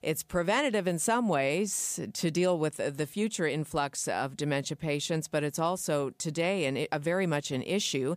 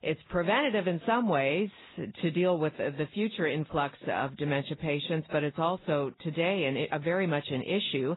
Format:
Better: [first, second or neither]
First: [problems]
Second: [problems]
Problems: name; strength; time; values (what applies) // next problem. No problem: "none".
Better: first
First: none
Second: garbled, watery; badly; nothing above 4 kHz